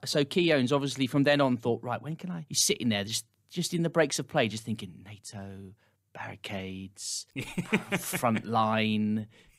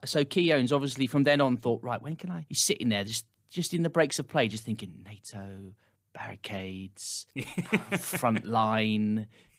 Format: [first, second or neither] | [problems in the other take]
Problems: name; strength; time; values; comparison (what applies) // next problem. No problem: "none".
first | garbled, watery; slightly; nothing above 15.5 kHz